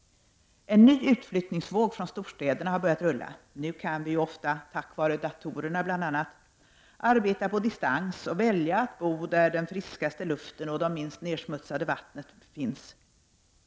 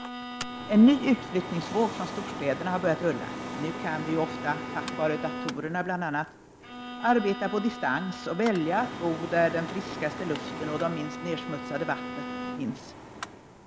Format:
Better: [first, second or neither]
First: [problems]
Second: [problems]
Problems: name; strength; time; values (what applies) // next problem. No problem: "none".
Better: first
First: none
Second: background sound (Mechanical fan + Bowed string instrument); 8 dB below the speech